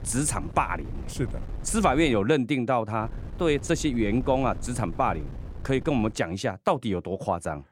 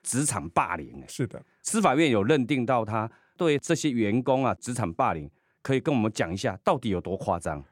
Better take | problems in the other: second | wind noise on the microphone; occasional gusts; until 2 s and from 3 to 6 s; 20 dB below the speech

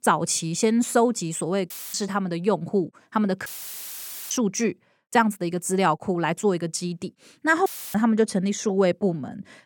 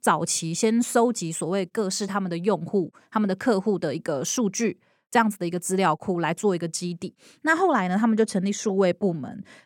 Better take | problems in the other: second | audio cutting out; filled with static; at 1.5 s, at 3.5 s for 1 s and at 7.5 s

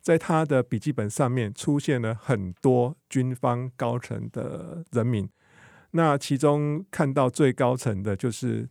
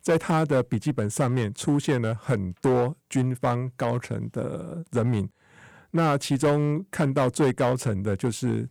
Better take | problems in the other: first | distortion; slight; 6% of the sound clipped

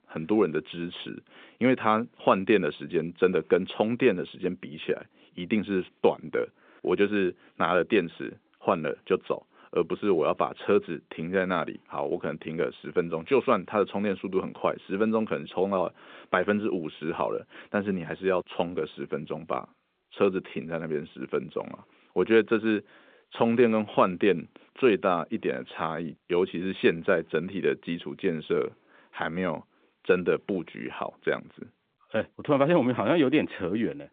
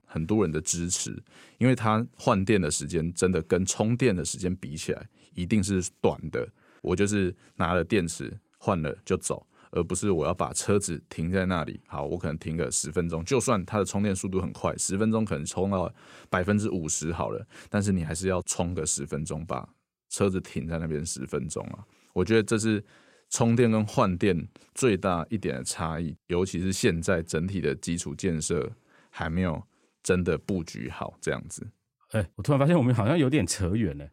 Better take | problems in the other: second | phone-call audio; nothing above 3.5 kHz

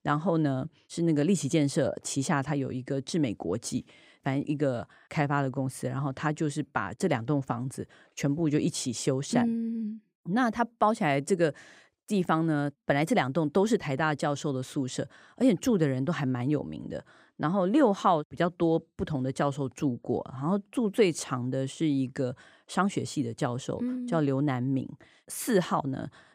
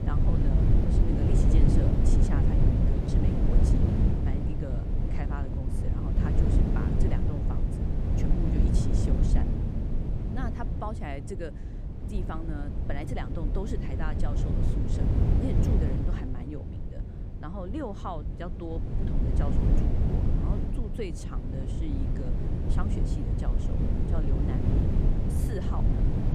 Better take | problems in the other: first | wind noise on the microphone; heavy; 3 dB above the speech

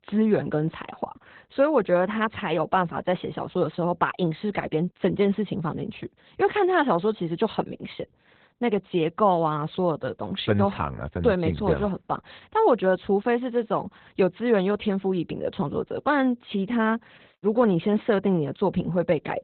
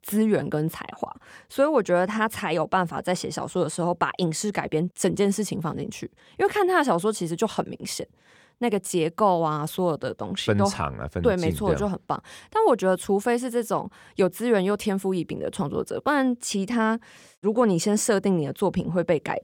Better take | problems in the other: second | garbled, watery; badly; nothing above 4 kHz

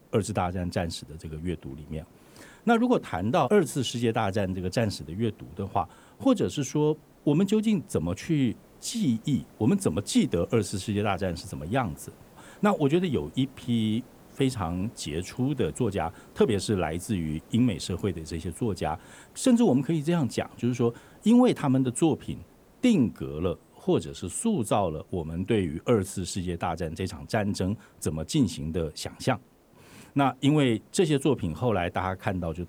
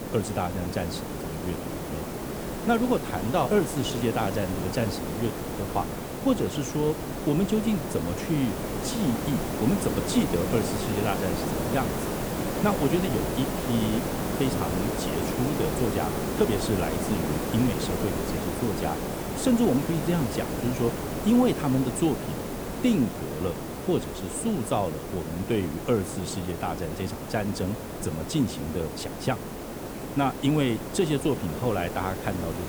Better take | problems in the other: first | hiss; loud; throughout; 3 dB below the speech; faint in the first

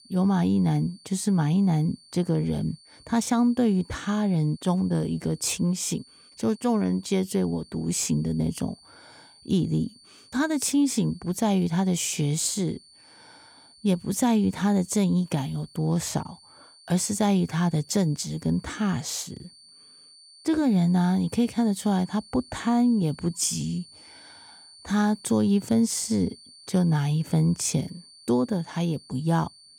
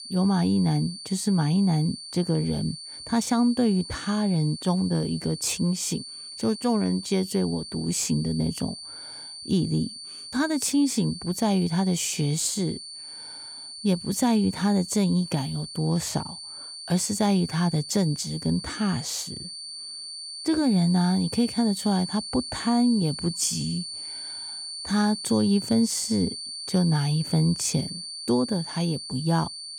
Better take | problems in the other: first | high-pitched whine; loud; throughout; 4.5 kHz, 10 dB below the speech; faint in the first

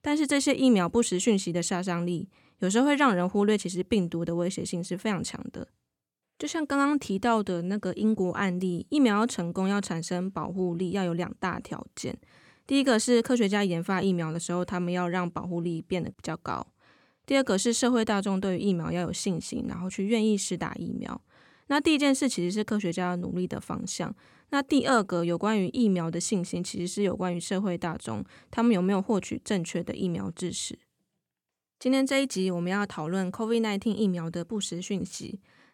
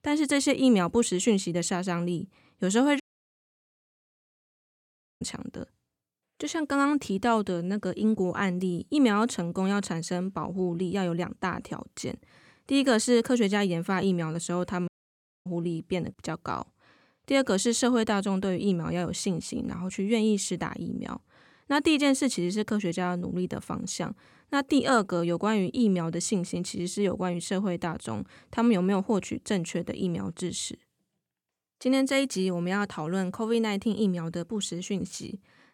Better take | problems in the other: first | audio cutting out; at 3 s for 2 s and at 15 s for 0.5 s

